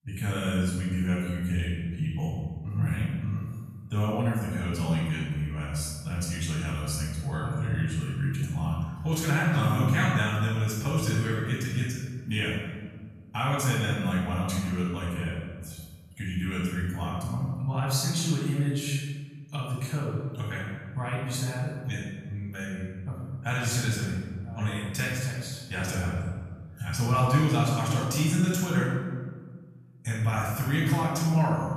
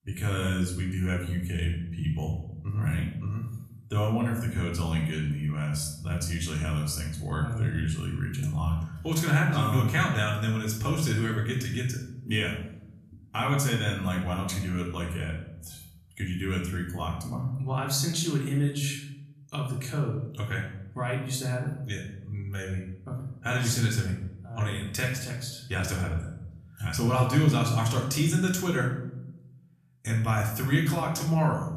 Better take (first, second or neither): second